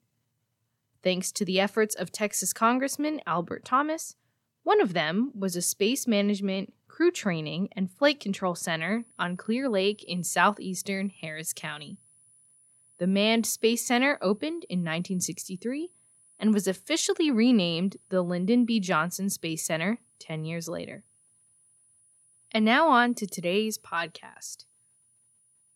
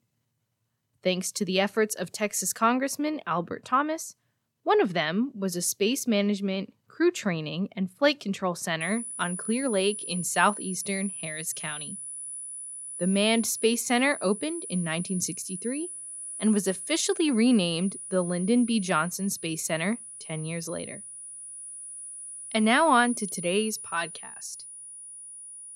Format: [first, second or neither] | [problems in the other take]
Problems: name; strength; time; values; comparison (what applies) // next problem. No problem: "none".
first | high-pitched whine; loud; from 9 s on; 10 kHz, 9 dB below the speech; faint in the first